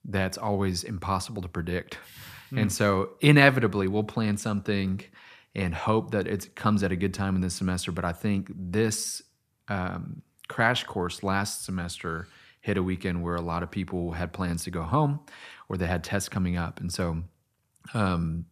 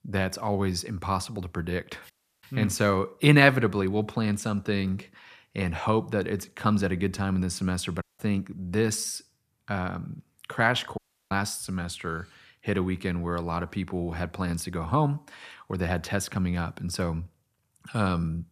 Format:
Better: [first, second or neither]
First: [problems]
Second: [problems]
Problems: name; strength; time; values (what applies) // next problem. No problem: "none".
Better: first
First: none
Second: audio cutting out; at 2 s, at 8 s and at 11 s